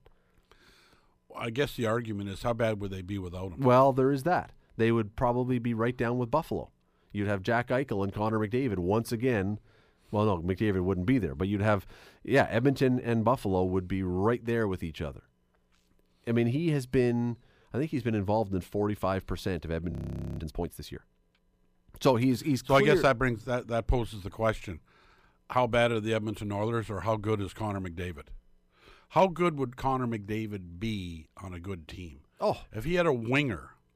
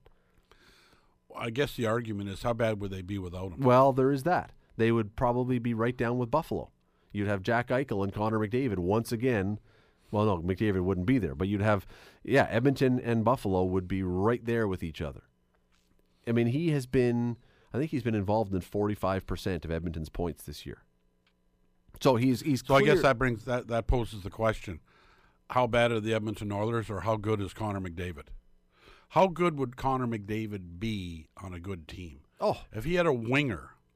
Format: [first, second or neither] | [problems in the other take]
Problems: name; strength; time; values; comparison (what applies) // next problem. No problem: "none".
second | audio freezing; at 20 s